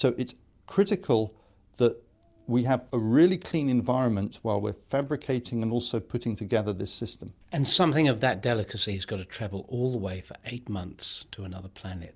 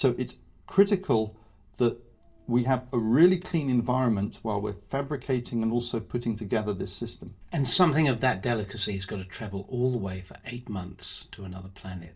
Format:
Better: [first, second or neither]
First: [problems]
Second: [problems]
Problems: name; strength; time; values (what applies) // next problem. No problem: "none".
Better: first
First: none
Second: room echo; dies away in 0.2 s